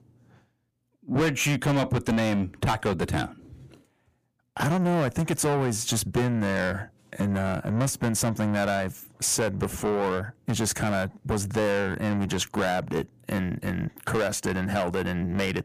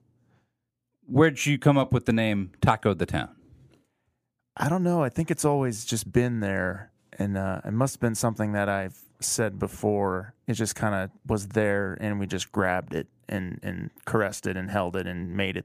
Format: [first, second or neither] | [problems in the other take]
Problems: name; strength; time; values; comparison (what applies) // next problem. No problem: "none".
second | distortion; heavy; 5 dB below the speech